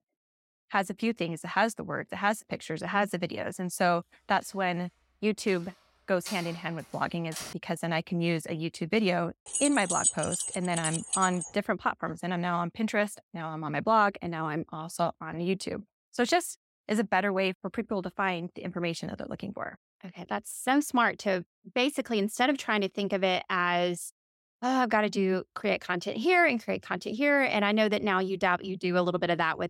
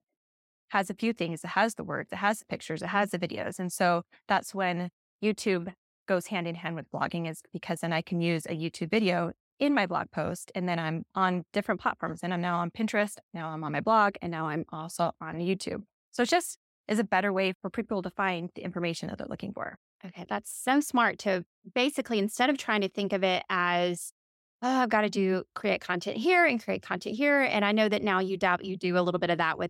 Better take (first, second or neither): second